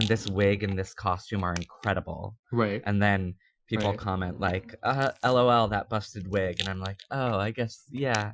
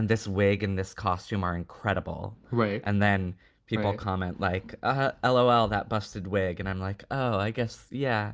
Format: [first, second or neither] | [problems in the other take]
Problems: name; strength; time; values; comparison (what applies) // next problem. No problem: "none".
second | noise reduction (classical method Wiener filter)